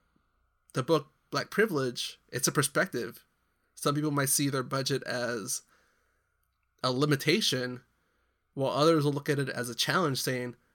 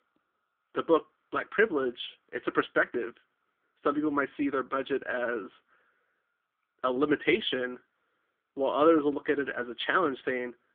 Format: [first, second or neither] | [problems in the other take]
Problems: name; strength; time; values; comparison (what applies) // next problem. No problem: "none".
first | phone-call audio; poor line; nothing above 3.5 kHz